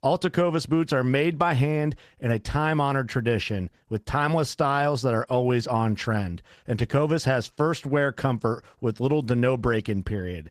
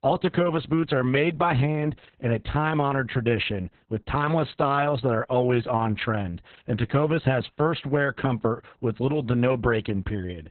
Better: first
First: garbled, watery; slightly; nothing above 14.5 kHz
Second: garbled, watery; badly; nothing above 4 kHz

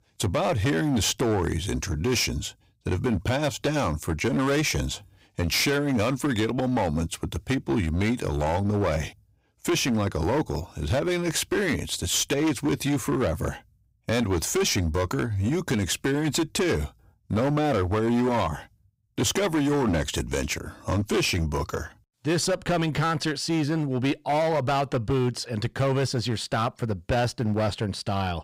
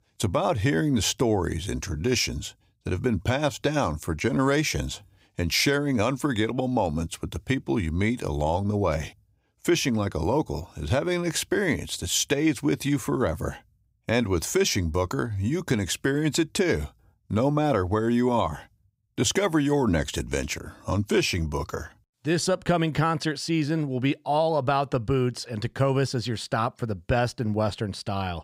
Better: second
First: distortion; slight; 15% of the sound clipped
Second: none

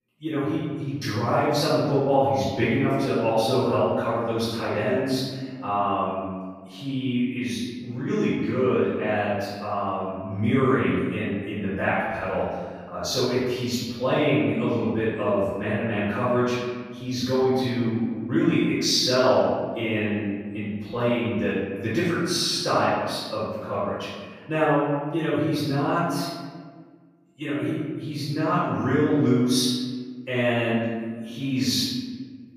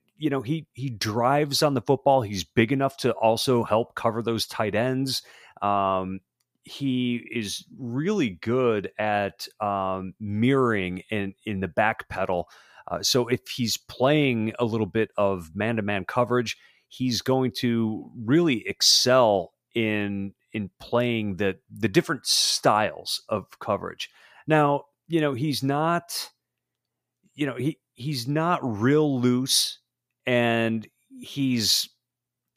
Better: second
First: off-mic speech; far // room echo; strong; dies away in 1.6 s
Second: none

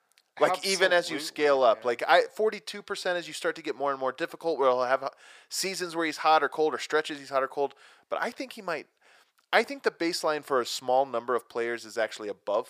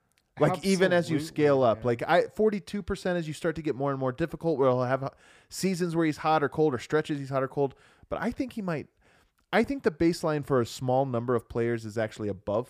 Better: second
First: thin; very; fading below 550 Hz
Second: none

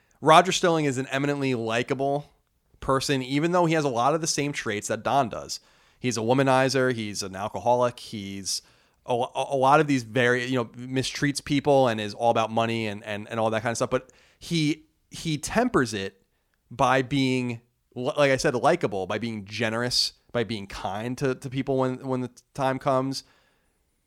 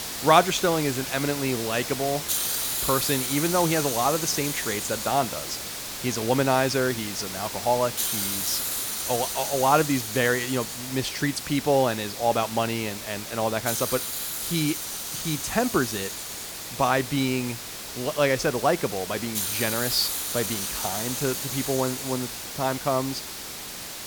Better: first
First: none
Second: hiss; loud; throughout; 3 dB below the speech

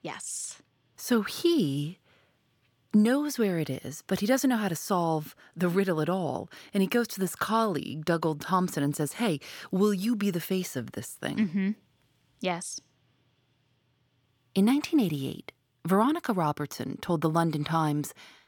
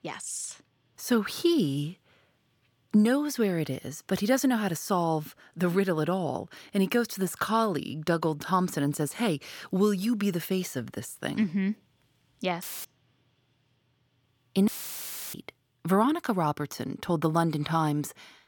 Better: first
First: none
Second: audio cutting out; filled with static; at 13 s and at 15 s for 0.5 s

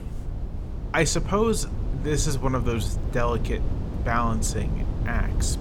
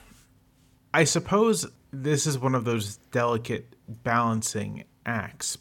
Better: second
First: low rumble; noticeable; throughout; 15 dB below the speech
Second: none

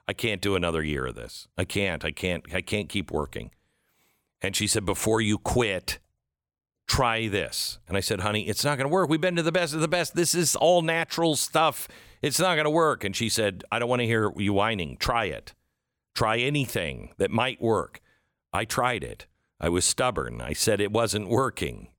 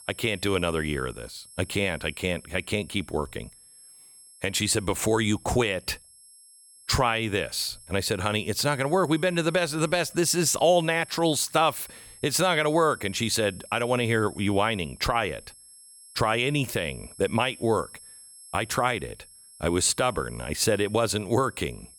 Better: first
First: none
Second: high-pitched whine; faint; throughout; 11 kHz, 20 dB below the speech

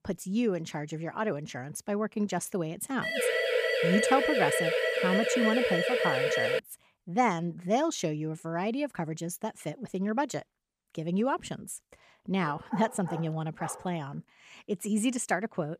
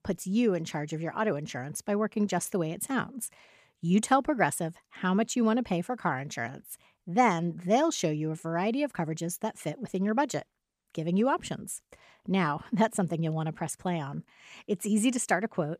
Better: second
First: siren; loud; from 3 to 6.5 s; peak 5 dB above the speech // dog barking; noticeable; from 12 to 14 s; peak 9 dB below the speech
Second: none

